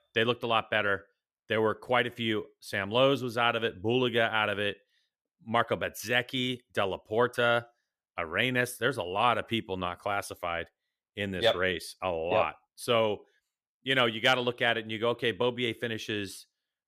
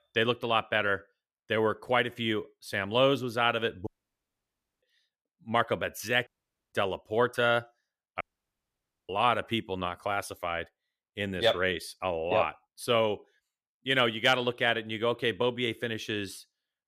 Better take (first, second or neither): first